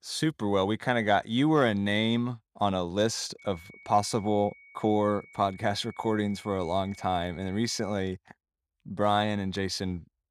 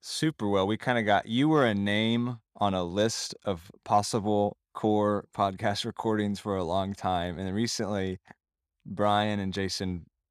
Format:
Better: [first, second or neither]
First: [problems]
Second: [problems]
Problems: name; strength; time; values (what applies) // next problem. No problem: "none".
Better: second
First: high-pitched whine; faint; from 3.5 to 8 s; 2 kHz, 20 dB below the speech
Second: none